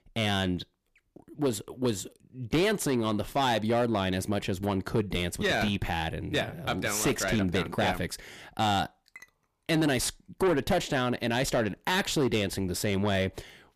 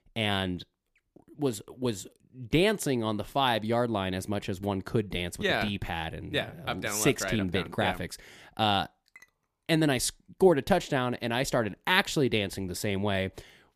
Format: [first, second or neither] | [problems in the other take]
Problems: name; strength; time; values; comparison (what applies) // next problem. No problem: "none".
second | distortion; heavy; 7 dB below the speech